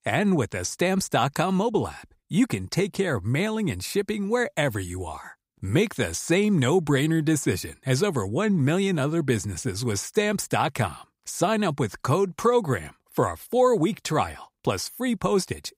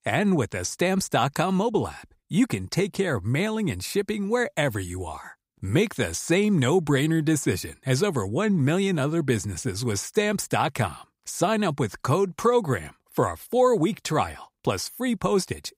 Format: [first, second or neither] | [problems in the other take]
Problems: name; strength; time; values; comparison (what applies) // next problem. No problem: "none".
neither | none